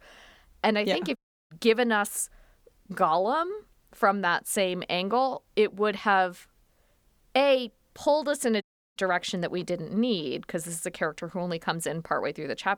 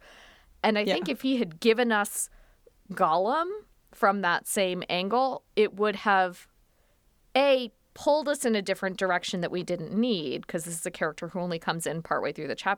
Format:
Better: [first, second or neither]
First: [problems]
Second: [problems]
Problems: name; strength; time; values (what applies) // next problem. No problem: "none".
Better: second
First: audio cutting out; at 1 s and at 8.5 s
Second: none